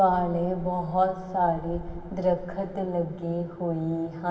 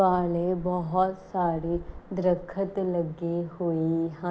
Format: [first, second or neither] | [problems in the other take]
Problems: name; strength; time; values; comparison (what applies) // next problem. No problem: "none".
second | room echo; dies away in 1.9 s